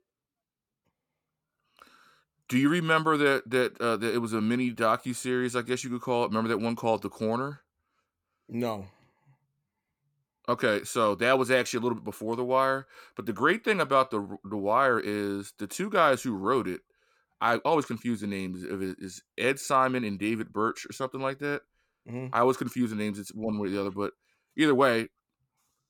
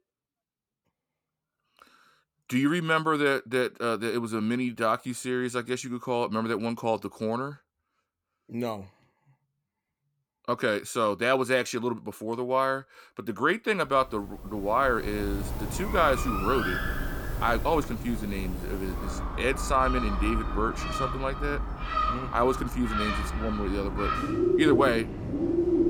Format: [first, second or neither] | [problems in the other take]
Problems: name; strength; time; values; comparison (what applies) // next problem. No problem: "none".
first | animal sounds; loud; from 14 s on; 3 dB below the speech